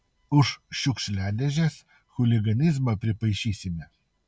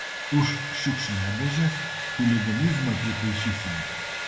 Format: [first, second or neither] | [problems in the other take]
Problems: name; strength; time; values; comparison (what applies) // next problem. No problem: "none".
first | background sound (Domestic sounds, home sounds); 6 dB below the speech // room echo; dies away in 0.9 s